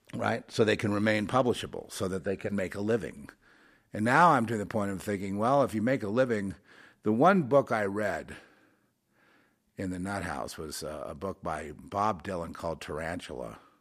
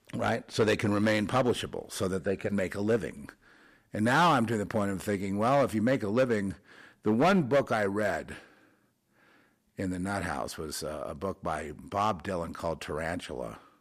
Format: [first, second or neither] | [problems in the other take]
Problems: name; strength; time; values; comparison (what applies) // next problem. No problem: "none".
first | distortion; slight; 3% of the sound clipped